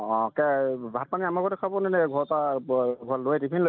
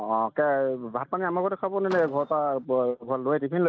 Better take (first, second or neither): first